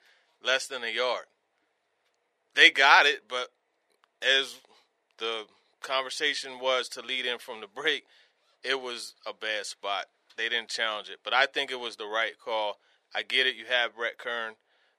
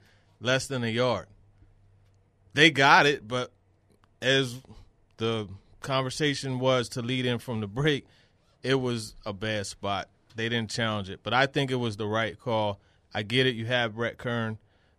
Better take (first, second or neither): second